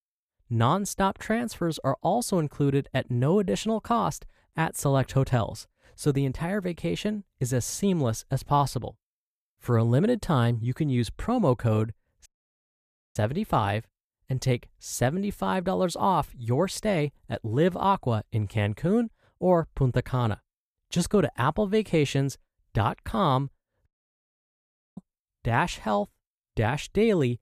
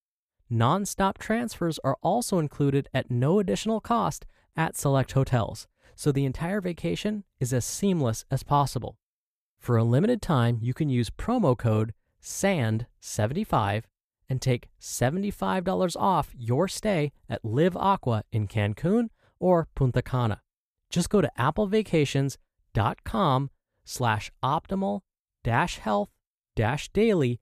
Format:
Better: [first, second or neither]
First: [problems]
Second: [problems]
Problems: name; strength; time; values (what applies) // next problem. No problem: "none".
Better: second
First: audio cutting out; at 12 s for 1 s and at 24 s for 1 s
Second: none